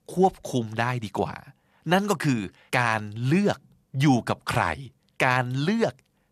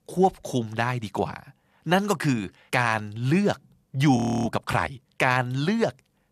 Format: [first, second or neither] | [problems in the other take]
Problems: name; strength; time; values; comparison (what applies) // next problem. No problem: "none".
first | audio freezing; at 4 s